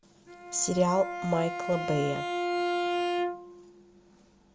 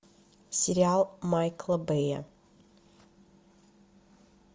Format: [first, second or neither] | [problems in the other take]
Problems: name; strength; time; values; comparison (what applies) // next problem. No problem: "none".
second | background sound (Bowed string instrument); 2 dB below the speech